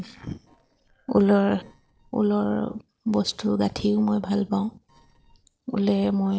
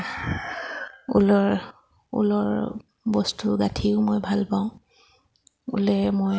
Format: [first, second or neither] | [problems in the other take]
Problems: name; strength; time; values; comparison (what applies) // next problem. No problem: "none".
second | noise reduction (neural separator model SepFormer DNS4)